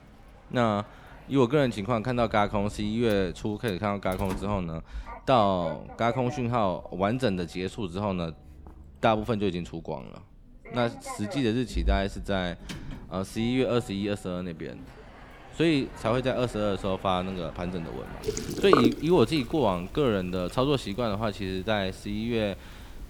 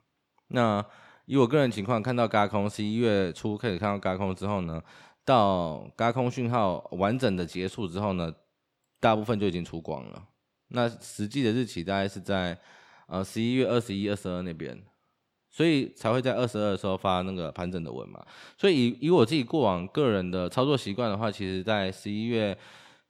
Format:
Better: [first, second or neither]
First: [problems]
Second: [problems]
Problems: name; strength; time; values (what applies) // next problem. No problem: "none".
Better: second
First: household noises; loud; throughout; 9 dB below the speech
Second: none